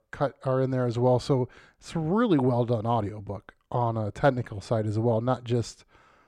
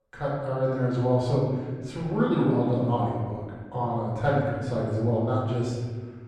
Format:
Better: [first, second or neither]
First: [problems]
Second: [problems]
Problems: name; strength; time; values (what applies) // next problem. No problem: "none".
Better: first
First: none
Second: room echo; noticeable; dies away in 1.5 s // off-mic speech; far